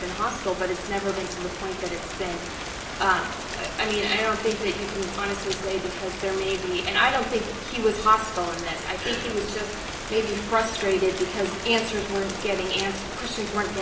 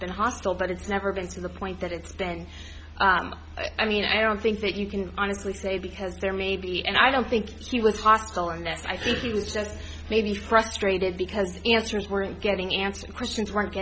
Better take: second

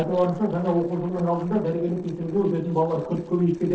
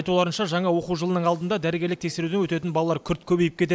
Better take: second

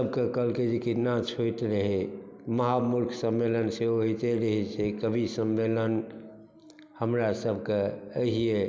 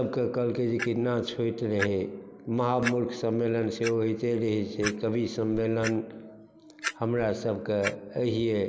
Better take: first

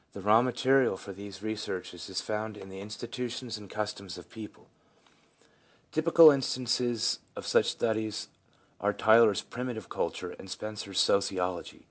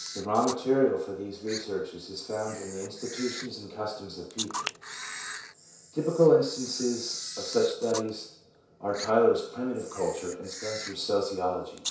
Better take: first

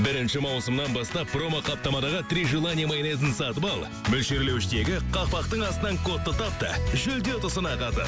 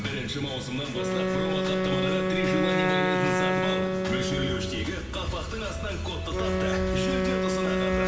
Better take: first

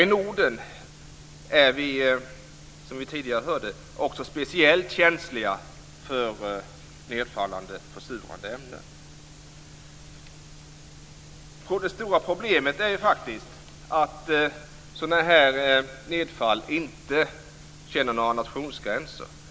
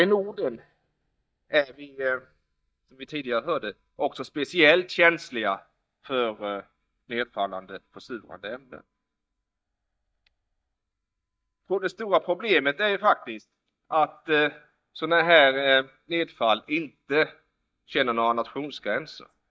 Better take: first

